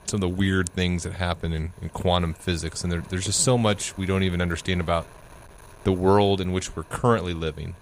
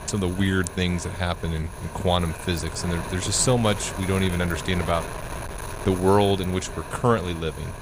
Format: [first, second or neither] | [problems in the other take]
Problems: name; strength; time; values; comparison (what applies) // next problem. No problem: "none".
first | wind noise on the microphone; heavy; 10 dB below the speech; occasional gusts in the first